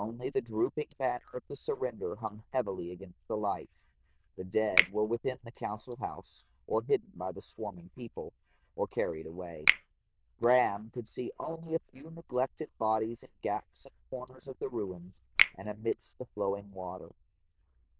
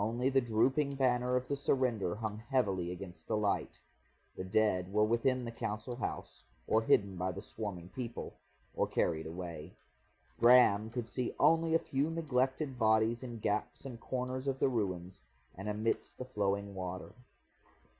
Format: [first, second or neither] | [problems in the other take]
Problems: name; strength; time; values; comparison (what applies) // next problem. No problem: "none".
second | noise reduction (neural diffusion model UNIVERSE++)